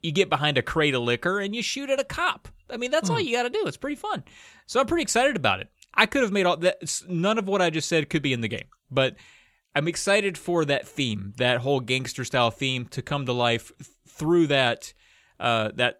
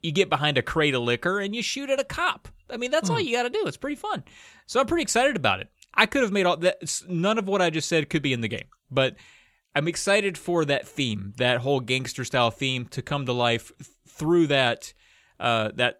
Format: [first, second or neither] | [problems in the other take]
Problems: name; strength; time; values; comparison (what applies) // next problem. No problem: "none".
neither | none